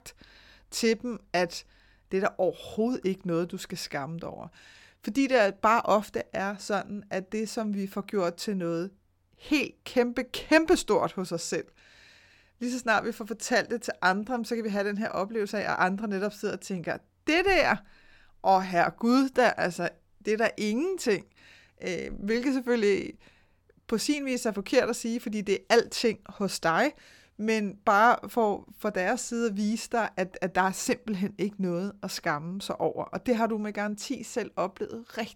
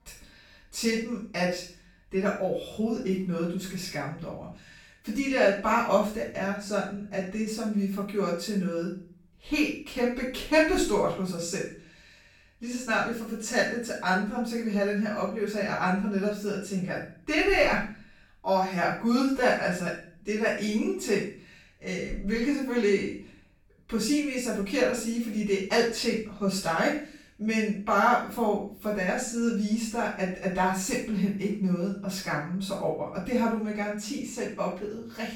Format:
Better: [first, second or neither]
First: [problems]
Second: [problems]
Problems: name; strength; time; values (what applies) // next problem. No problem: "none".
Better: first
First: none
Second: off-mic speech; far // room echo; noticeable; dies away in 0.5 s